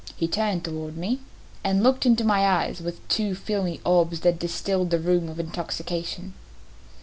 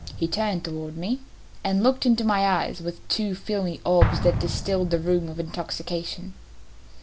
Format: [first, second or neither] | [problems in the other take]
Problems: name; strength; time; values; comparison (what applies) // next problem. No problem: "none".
first | background sound (Explosion); 7 dB below the speech